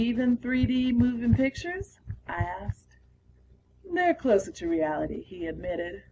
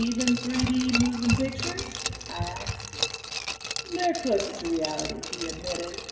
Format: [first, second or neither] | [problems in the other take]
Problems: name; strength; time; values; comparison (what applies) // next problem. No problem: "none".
first | background sound (Glass); 5 dB below the speech // room echo; dies away in 2.9 s